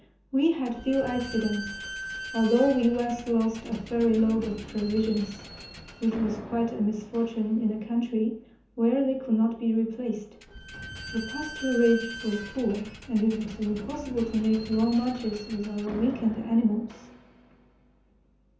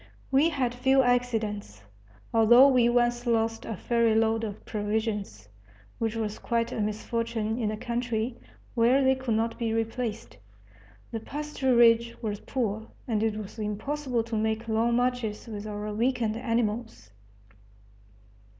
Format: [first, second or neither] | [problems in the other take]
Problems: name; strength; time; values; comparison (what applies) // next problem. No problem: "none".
second | background sound (Squeak / Slam); 14 dB below the speech // room echo; dies away in 0.6 s